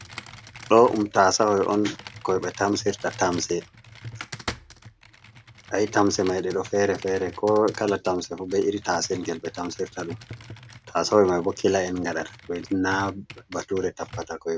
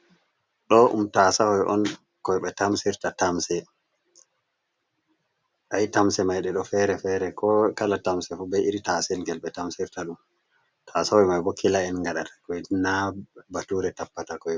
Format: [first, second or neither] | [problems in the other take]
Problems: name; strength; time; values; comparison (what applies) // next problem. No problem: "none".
second | background sound (Computer keyboard); 17 dB below the speech